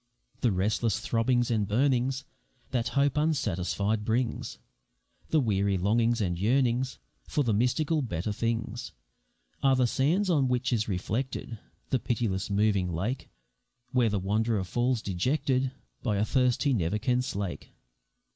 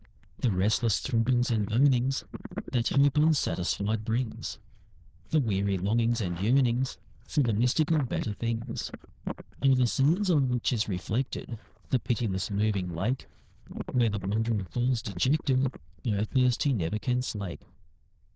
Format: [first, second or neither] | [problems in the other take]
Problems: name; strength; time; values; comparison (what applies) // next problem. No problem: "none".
first | noise reduction (neural diffusion model UNIVERSE++)